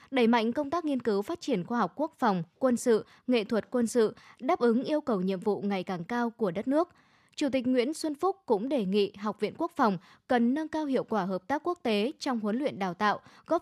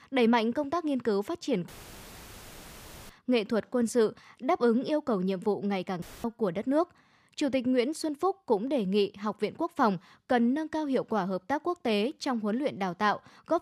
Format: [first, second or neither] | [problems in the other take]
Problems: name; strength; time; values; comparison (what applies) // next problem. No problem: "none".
first | audio cutting out; filled with static; at 1.5 s for 1.5 s and at 6 s